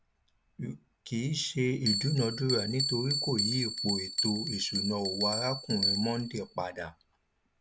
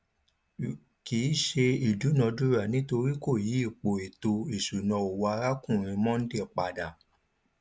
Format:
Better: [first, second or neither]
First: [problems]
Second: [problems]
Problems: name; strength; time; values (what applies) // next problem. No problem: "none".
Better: second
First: background sound (Bell); 3 dB below the speech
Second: none